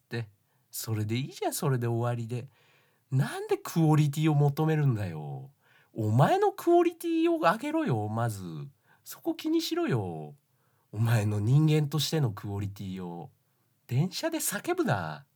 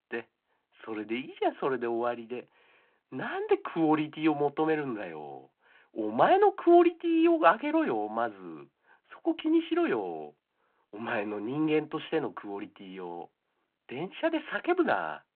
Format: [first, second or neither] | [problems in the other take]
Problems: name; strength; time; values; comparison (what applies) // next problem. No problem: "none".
first | phone-call audio